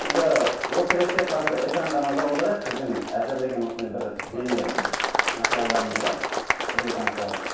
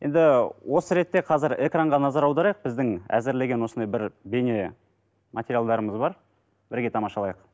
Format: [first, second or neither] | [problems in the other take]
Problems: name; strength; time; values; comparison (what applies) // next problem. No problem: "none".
second | background sound (Applause); 2 dB below the speech // room echo; dies away in 0.7 s